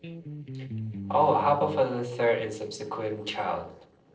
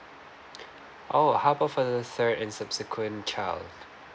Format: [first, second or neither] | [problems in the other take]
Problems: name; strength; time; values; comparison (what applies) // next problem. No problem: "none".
second | noise reduction (neural separator model SepFormer DNS4)